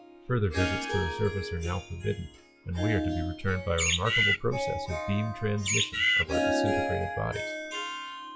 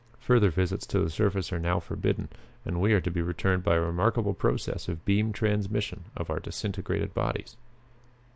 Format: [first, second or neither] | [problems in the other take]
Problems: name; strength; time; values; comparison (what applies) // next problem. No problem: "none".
second | noise reduction (classical method log-MMSE)